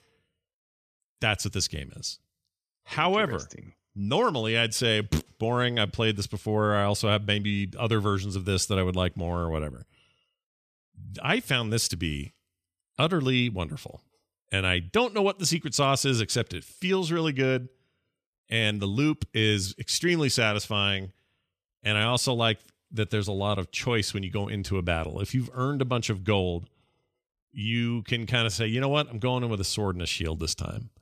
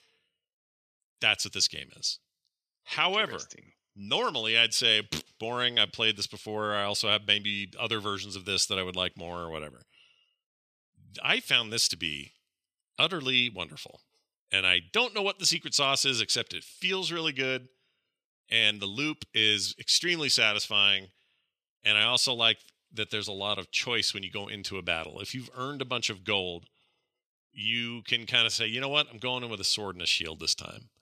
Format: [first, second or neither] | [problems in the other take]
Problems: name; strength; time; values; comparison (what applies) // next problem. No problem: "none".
first | thin; somewhat; fading below 800 Hz